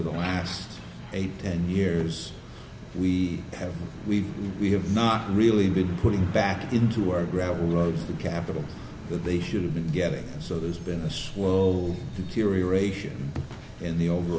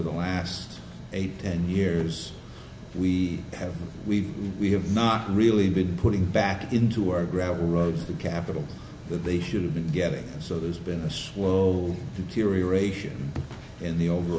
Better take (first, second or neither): second